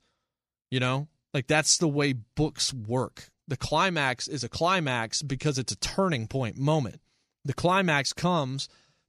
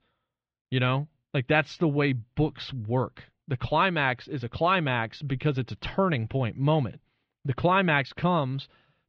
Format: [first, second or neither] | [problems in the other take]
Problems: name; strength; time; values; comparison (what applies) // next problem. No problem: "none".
first | muffled; very; fading above 3.5 kHz